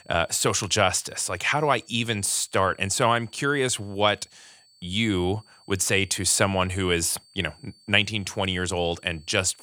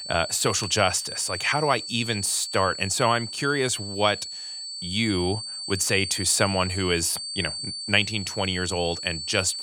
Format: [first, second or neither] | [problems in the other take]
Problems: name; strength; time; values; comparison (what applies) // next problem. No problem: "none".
first | high-pitched whine; loud; throughout; 4.5 kHz, 7 dB below the speech; faint in the first